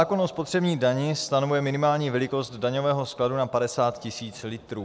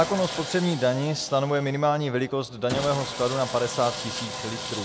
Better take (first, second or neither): first